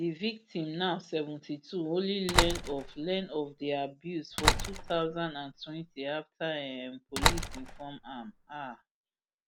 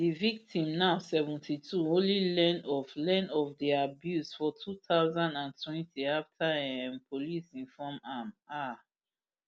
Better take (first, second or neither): second